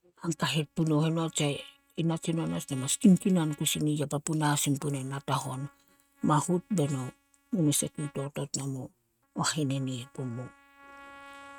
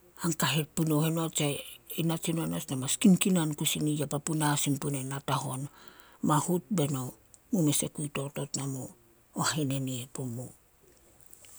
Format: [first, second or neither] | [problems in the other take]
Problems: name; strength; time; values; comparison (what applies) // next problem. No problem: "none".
second | noise reduction (neural mask model RNNoise)